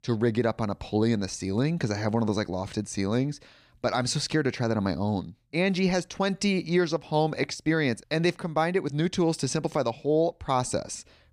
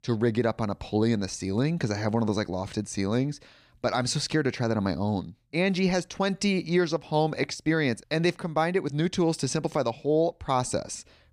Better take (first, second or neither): neither